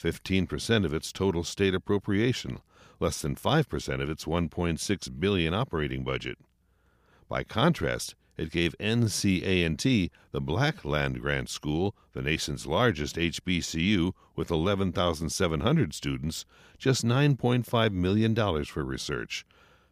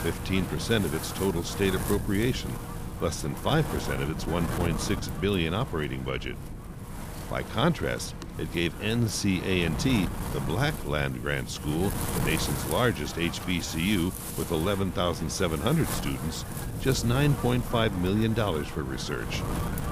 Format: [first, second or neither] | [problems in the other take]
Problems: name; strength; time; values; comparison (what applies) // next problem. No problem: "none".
first | wind noise on the microphone; heavy; 8 dB below the speech